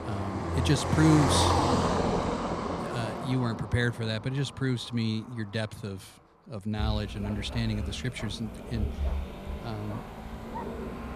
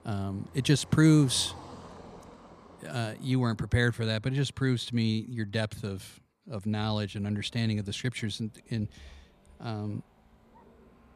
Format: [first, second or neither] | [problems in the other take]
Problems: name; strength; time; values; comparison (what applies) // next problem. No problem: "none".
second | traffic noise; loud; throughout; 1 dB below the speech; faint in the second